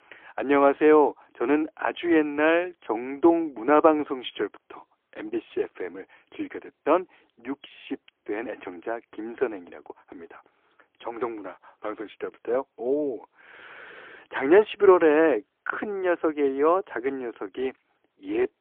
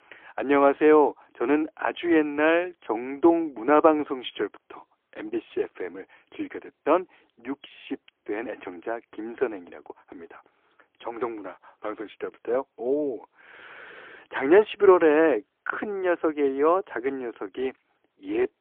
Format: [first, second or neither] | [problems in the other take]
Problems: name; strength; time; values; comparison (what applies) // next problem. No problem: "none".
neither | phone-call audio; poor line; nothing above 3.5 kHz; the same in both